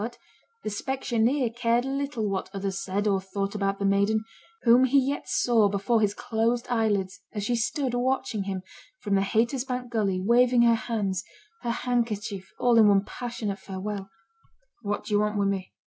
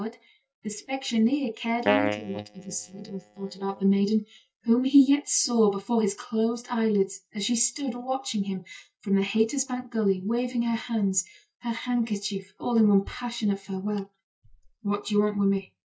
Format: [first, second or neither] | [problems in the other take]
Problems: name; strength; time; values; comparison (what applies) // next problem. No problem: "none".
first | noise reduction (neural mask model DeepFilterNet 3)